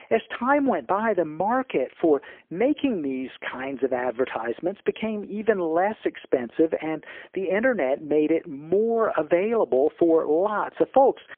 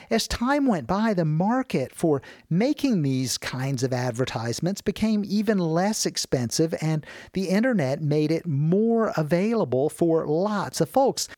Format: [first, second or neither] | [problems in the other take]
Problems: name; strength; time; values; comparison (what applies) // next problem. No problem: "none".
second | phone-call audio; poor line; nothing above 3.5 kHz